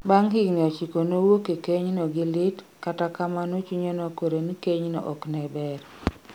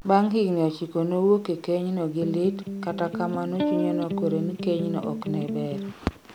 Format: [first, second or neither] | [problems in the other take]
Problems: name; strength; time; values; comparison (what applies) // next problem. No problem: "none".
first | background sound (Electric guitar); 4 dB below the speech